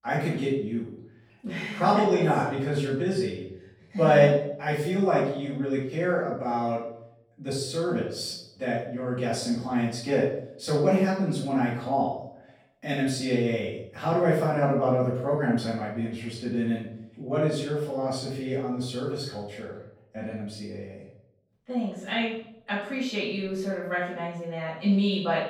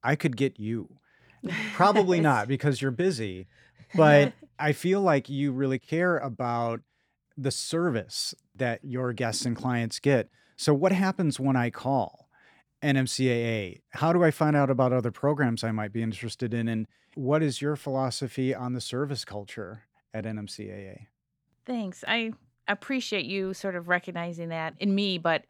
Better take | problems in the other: second | off-mic speech; far // room echo; noticeable; dies away in 0.6 s

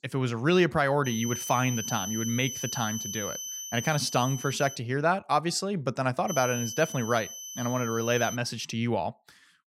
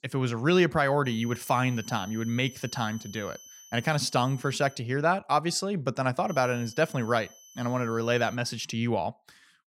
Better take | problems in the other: second | high-pitched whine; loud; from 1 to 5 s and from 6.5 to 8.5 s; 6 kHz, 7 dB below the speech; faint in the second

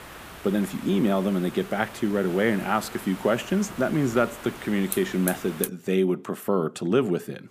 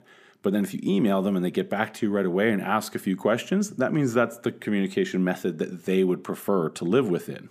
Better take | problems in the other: second | hiss; noticeable; until 5.5 s; 10 dB below the speech

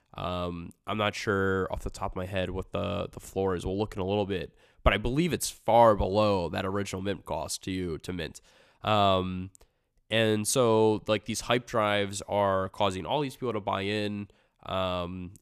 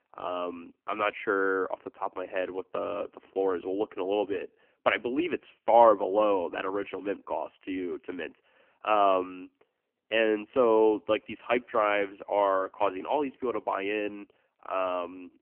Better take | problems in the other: first | phone-call audio; poor line; nothing above 3 kHz

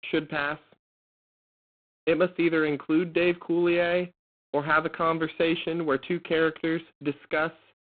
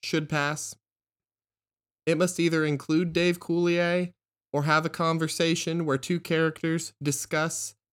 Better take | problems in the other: second | phone-call audio; poor line; nothing above 4 kHz

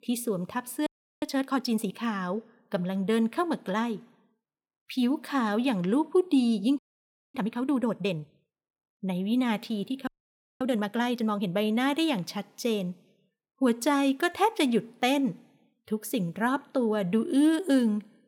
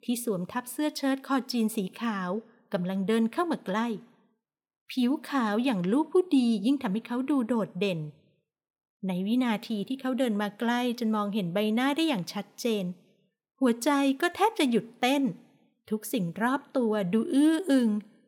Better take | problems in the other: second | audio freezing; at 1 s, at 7 s for 0.5 s and at 10 s for 0.5 s

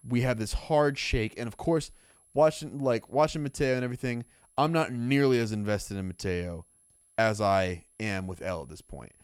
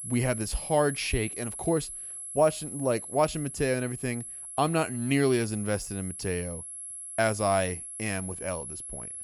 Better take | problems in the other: first | high-pitched whine; loud; throughout; 11 kHz, 8 dB below the speech; faint in the first

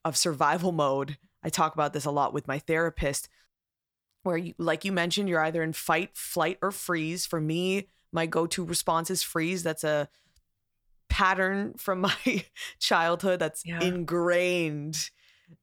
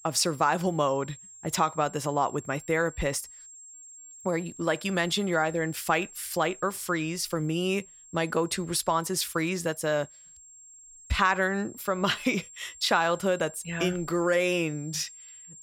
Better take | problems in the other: first | high-pitched whine; noticeable; throughout; 7.5 kHz, 20 dB below the speech

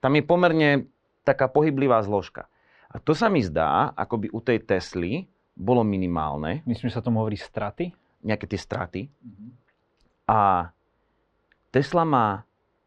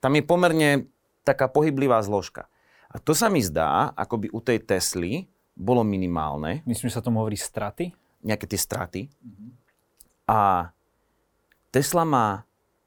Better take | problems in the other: second | muffled; slightly; fading above 4 kHz

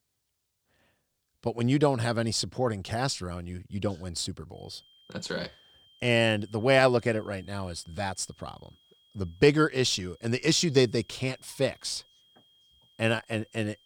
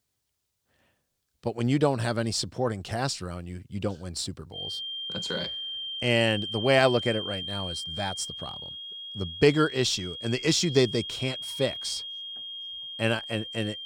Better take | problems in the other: first | high-pitched whine; loud; from 4.5 s on; 3 kHz, 6 dB below the speech; faint in the first

